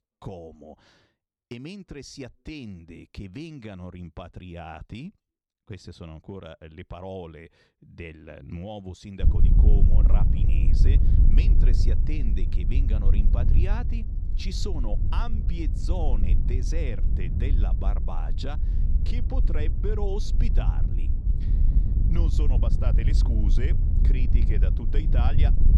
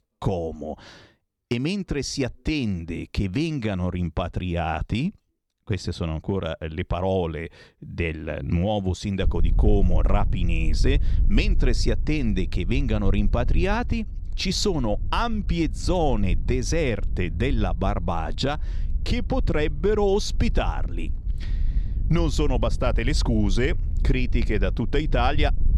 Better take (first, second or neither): second